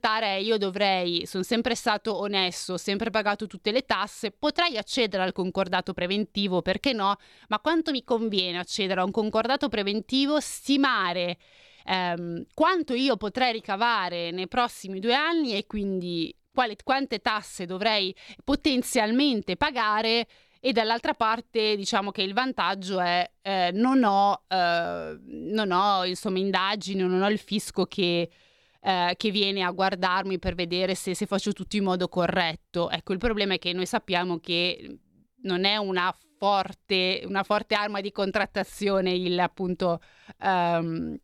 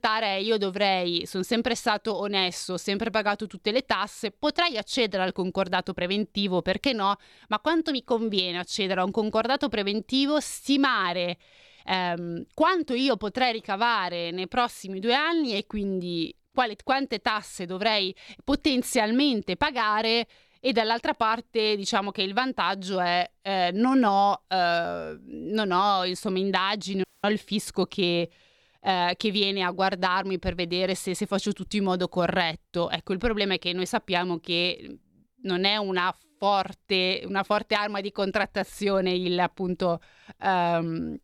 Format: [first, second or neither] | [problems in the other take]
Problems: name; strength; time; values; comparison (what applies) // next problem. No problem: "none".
first | audio cutting out; at 27 s